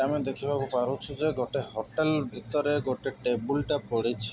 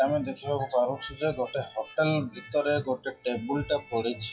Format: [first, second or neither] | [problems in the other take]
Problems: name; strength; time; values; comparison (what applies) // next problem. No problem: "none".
first | noise reduction (classical method WPE with log-MMSE)